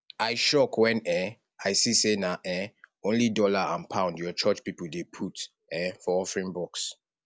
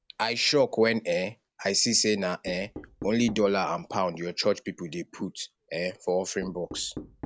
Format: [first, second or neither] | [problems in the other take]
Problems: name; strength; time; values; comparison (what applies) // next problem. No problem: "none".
first | background sound (Knock); 19 dB below the speech